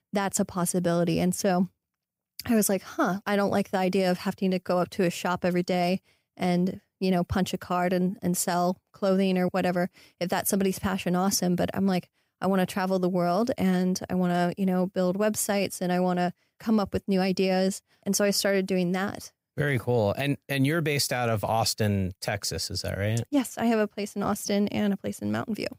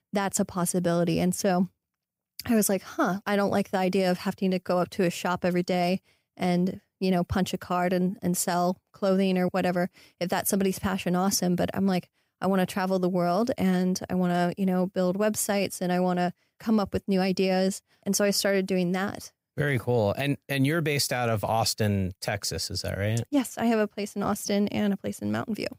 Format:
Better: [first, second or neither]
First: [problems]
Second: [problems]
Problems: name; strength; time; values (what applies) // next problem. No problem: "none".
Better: neither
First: none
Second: none